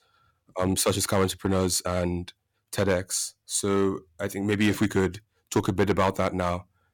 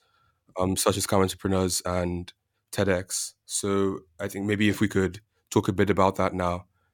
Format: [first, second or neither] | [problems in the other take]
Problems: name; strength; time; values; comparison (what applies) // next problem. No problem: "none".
second | distortion; slight; 3% of the sound clipped